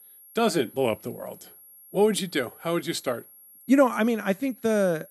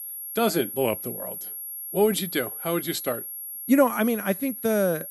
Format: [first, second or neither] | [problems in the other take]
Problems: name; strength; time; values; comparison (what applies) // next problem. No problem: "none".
first | high-pitched whine; loud; throughout; 11.5 kHz, 8 dB below the speech; faint in the first